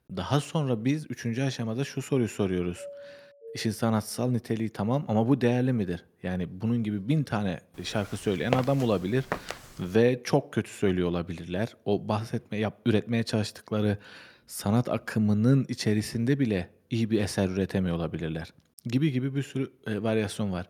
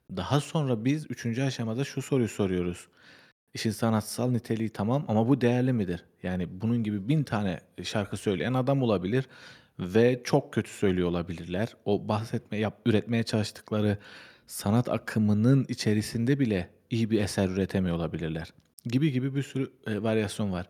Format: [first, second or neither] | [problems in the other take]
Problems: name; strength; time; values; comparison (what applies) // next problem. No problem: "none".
second | doorbell; faint; at 3 s; peak 15 dB below the speech // footsteps; noticeable; at 8.5 s; peak 4 dB below the speech